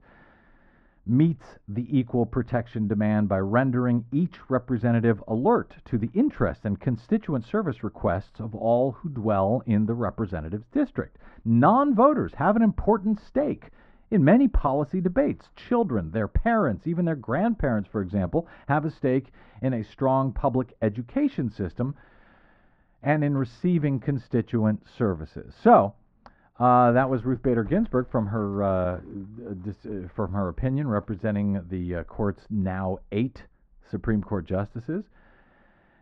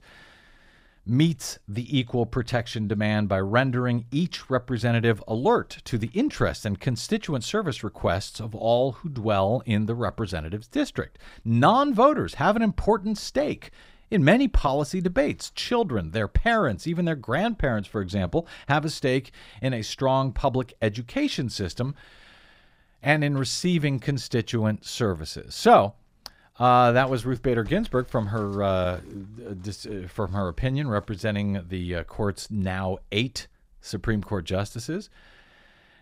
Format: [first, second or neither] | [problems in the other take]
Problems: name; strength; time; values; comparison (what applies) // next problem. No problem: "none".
second | muffled; very; fading above 1 kHz